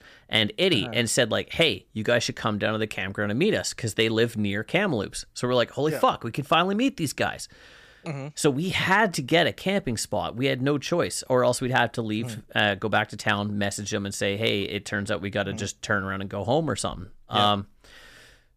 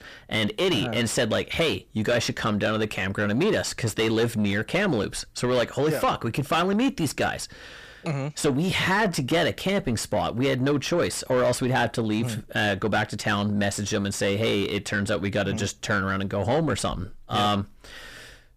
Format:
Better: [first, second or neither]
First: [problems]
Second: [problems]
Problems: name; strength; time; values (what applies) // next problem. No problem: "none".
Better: first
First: none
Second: distortion; heavy; 7 dB below the speech